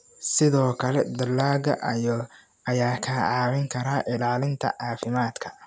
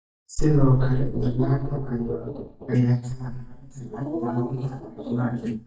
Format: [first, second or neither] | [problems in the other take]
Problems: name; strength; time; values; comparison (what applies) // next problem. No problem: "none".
first | noise reduction (neural mask model DeepFilterNet 3)